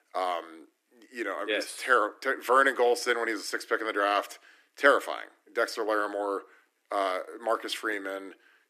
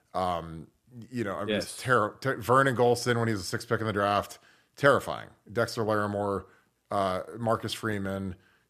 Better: second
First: thin; somewhat; fading below 300 Hz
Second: none

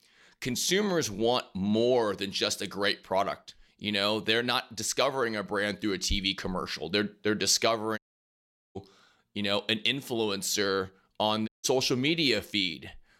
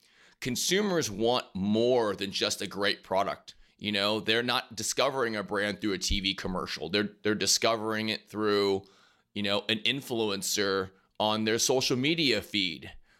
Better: second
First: audio cutting out; at 8 s for 1 s and at 11 s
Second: none

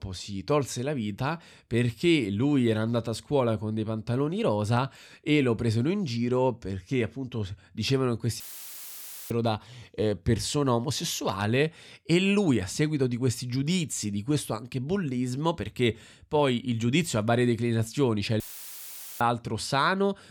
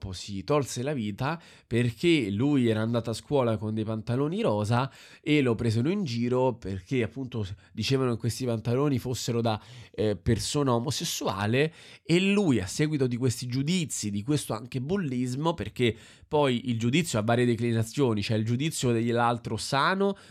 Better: second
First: audio cutting out; filled with static; at 8.5 s for 1 s and at 18 s for 1 s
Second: none

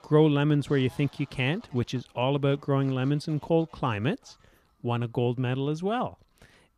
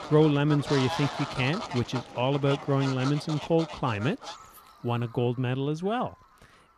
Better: first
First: animal sounds; faint; throughout; 30 dB below the speech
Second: animal sounds; loud; throughout; 9 dB below the speech

